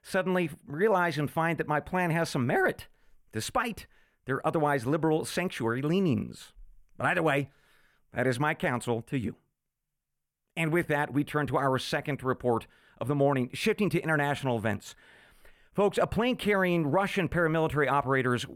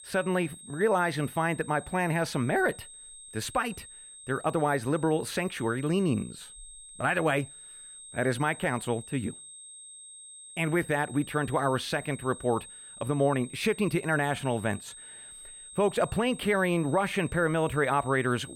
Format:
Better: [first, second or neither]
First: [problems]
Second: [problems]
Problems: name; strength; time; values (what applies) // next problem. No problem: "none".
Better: first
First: none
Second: high-pitched whine; noticeable; throughout; 8.5 kHz, 15 dB below the speech